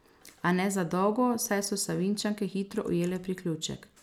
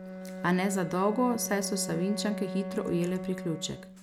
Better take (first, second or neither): first